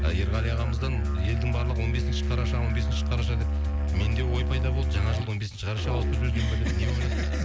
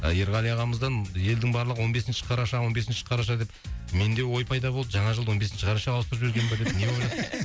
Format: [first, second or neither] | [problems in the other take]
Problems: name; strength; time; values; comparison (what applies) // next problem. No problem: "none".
second | background sound (Musical instrument); 4 dB above the speech